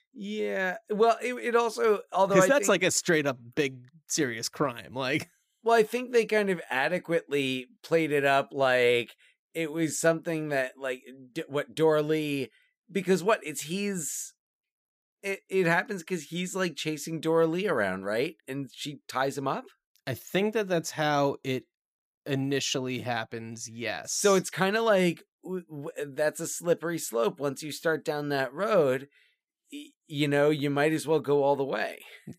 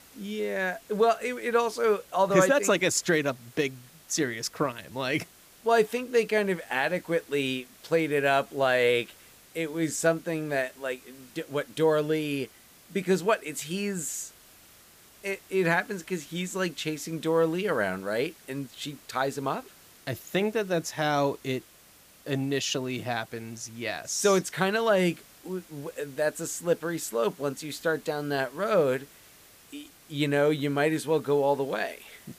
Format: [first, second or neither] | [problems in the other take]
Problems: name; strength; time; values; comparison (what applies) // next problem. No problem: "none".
first | hiss; faint; throughout; 25 dB below the speech